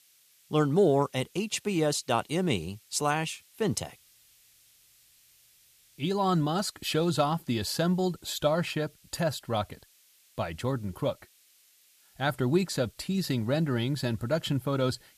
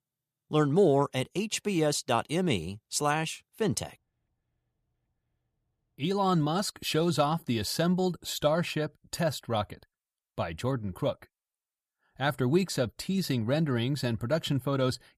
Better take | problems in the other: second | hiss; faint; throughout; 30 dB below the speech

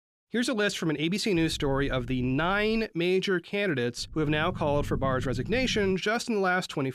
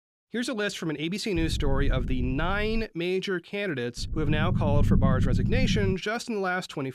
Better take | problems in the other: first | low rumble; loud; from 1.5 to 3 s and from 4 to 6 s; 8 dB below the speech; faint in the first

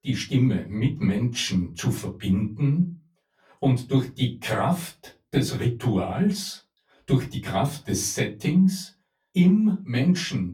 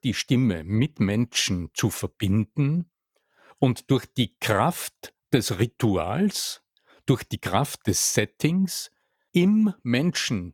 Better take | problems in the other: second | off-mic speech; far // room echo; very slight; dies away in 0.2 s

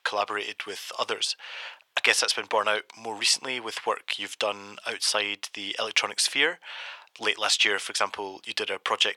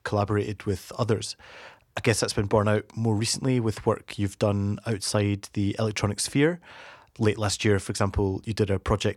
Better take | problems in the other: second | thin; very; fading below 750 Hz

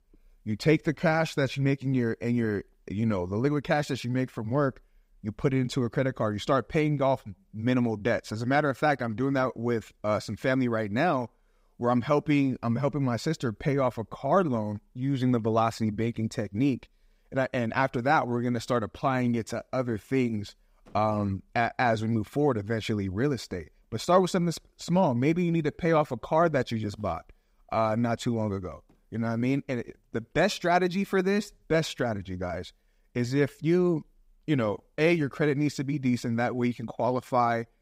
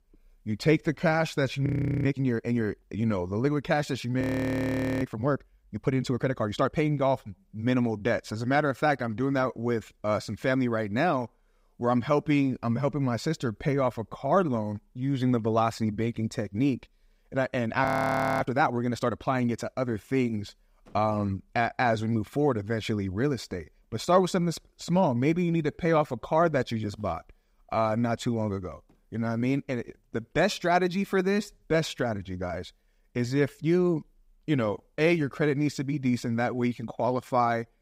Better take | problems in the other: first | audio freezing; at 1.5 s, at 4 s for 1 s and at 18 s for 0.5 s

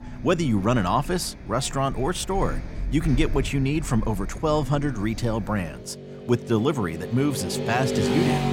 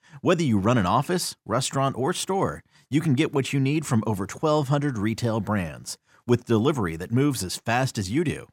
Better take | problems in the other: second | traffic noise; loud; throughout; 7 dB below the speech

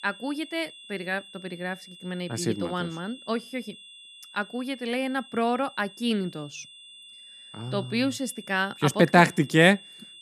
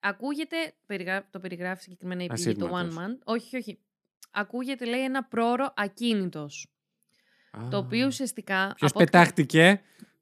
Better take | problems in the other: second | high-pitched whine; noticeable; throughout; 3.5 kHz, 20 dB below the speech

